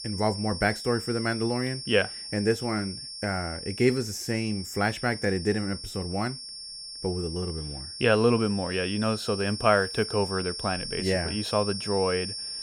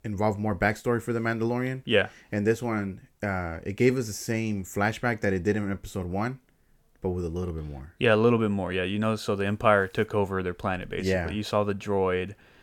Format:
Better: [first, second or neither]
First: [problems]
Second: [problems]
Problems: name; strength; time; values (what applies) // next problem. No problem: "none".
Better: second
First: high-pitched whine; loud; throughout; 5.5 kHz, 7 dB below the speech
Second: none